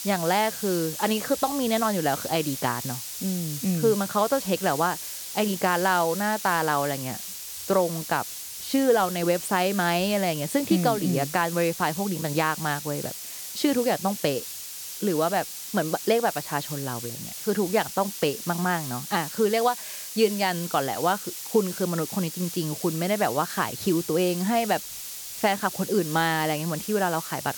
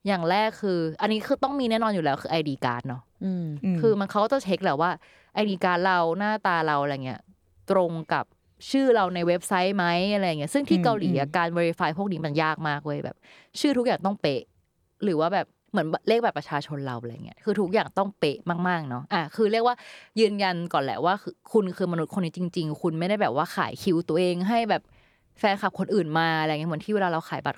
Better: second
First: hiss; loud; throughout; 8 dB below the speech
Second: none

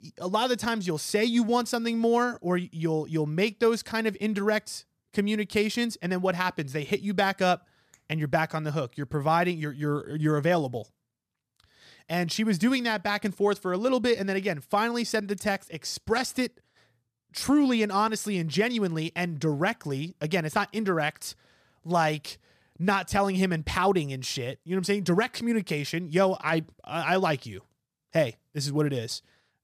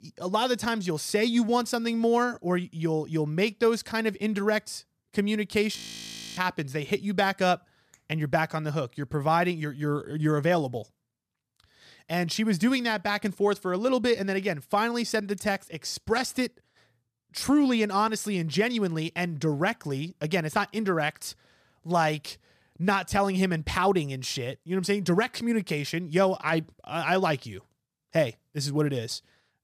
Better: first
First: none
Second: audio freezing; at 6 s for 0.5 s

